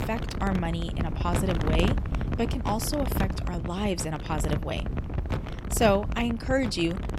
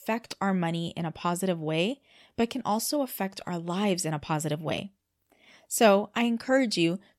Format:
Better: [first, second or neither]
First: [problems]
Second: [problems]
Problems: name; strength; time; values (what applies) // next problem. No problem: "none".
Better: second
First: wind noise on the microphone; heavy; 7 dB below the speech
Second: none